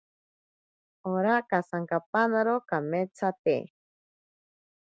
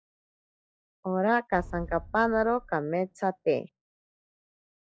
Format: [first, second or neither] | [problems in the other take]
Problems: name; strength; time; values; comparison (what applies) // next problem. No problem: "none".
first | noise reduction (classical method log-MMSE)